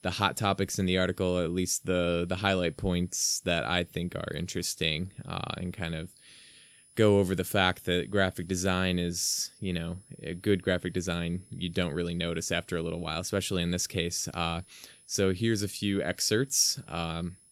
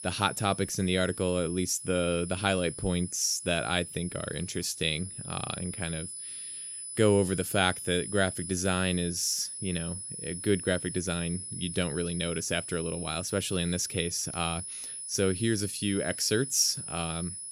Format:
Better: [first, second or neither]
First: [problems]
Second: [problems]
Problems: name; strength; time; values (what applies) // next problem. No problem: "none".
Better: first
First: high-pitched whine; faint; throughout; 10 kHz, 30 dB below the speech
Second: high-pitched whine; loud; throughout; 10 kHz, 8 dB below the speech